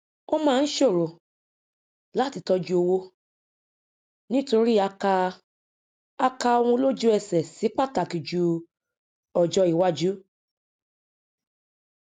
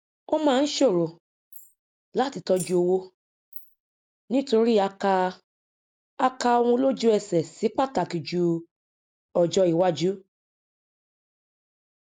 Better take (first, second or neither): first